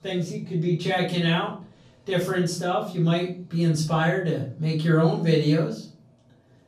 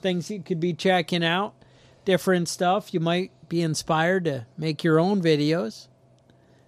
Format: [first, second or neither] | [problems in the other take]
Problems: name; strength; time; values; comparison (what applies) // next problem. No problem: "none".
second | off-mic speech; far // room echo; slight; dies away in 0.4 s